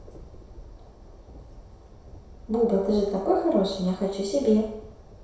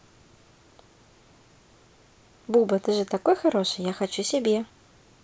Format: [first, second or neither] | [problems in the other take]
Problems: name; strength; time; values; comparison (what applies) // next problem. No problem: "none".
second | background sound (Train); 18 dB below the speech // room echo; dies away in 0.7 s